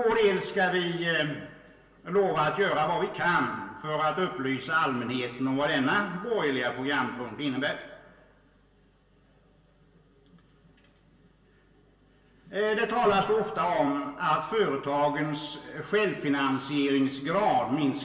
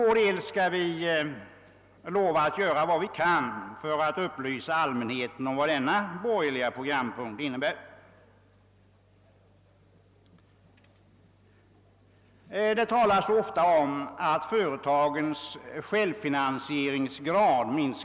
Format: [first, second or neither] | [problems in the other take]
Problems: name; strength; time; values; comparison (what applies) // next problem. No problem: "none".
second | room echo; dies away in 0.7 s